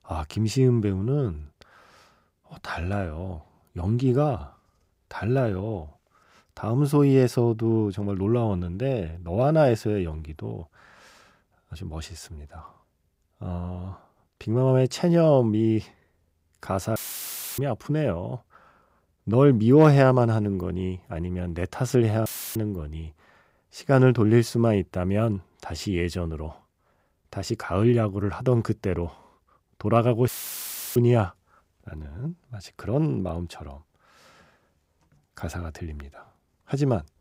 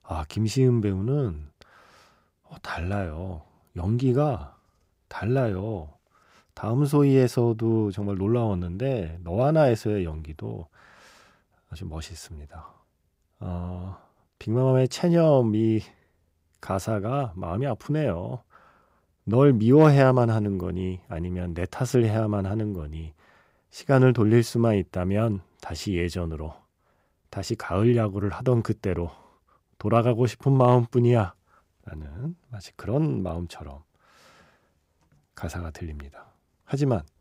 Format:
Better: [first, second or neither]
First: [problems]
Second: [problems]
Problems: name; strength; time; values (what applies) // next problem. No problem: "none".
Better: second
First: audio cutting out; filled with static; at 17 s for 0.5 s, at 22 s and at 30 s for 0.5 s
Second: none